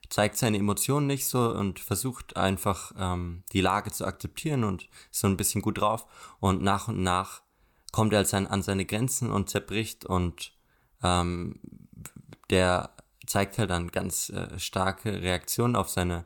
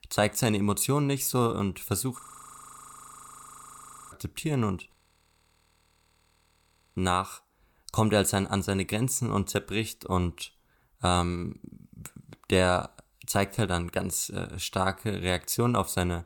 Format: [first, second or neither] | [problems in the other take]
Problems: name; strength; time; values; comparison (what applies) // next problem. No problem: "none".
first | audio freezing; at 2 s for 2 s and at 5 s for 2 s